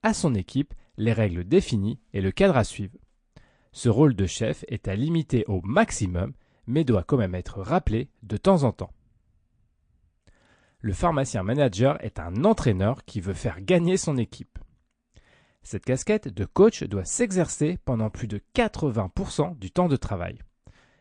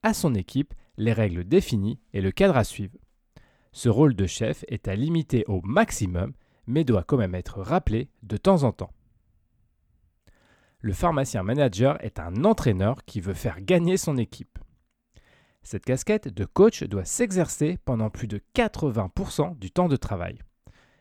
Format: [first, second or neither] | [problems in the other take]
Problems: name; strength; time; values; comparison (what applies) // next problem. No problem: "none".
second | garbled, watery; slightly; nothing above 9 kHz